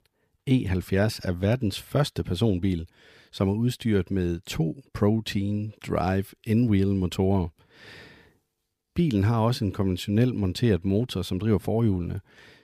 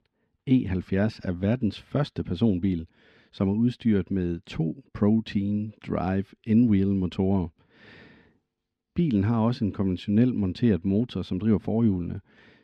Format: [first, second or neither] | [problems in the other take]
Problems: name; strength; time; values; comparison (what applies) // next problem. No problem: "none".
first | muffled; very slightly; fading above 3.5 kHz